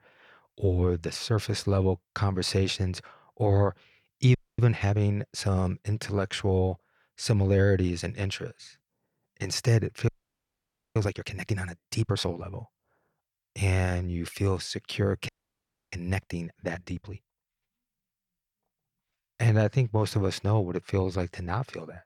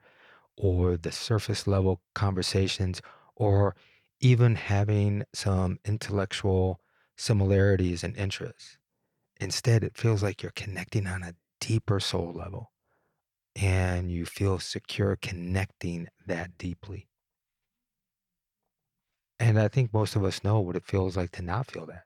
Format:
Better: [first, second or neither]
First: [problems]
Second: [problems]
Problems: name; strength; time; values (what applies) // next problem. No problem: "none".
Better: second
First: audio freezing; at 4.5 s, at 10 s for 1 s and at 15 s for 0.5 s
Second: none